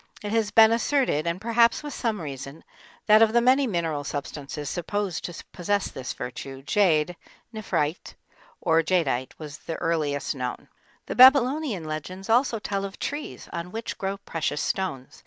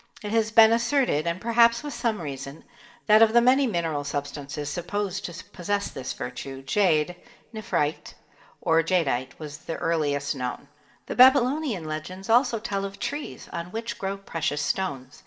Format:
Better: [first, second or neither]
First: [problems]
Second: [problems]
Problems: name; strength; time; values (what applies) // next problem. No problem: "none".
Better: first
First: none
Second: room echo; dies away in 0.4 s